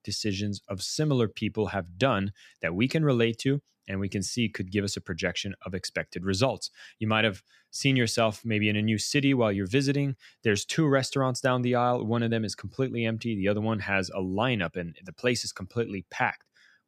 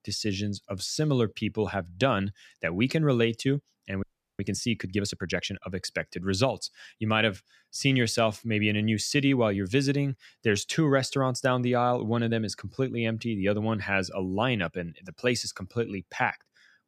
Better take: first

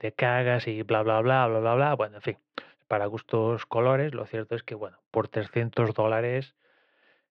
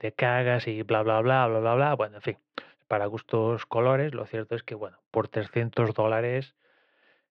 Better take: neither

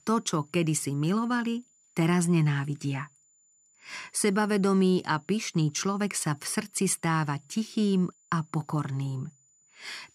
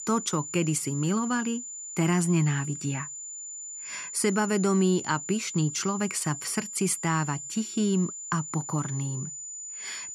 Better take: first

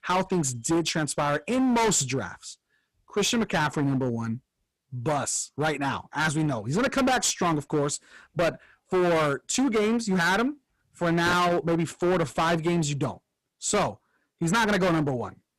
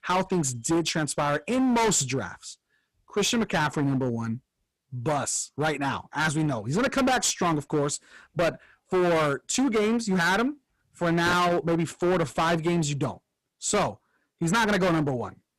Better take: neither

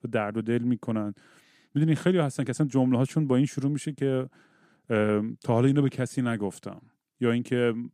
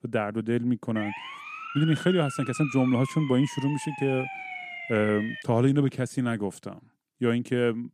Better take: first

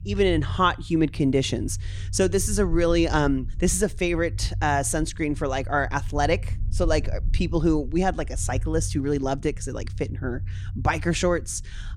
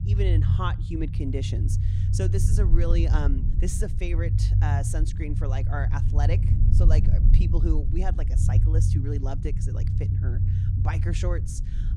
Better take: first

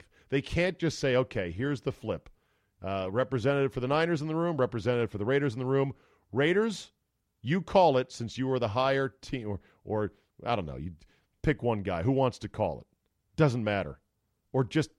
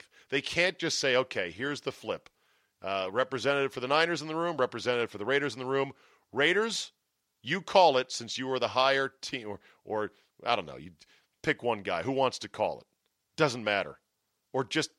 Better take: first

